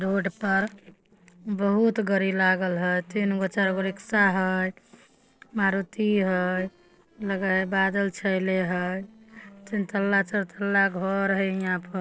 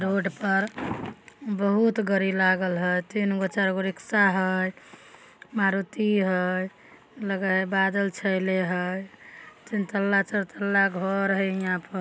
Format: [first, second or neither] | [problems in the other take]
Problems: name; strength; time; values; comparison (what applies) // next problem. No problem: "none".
second | noise reduction (neural separator model SepFormer DNS4)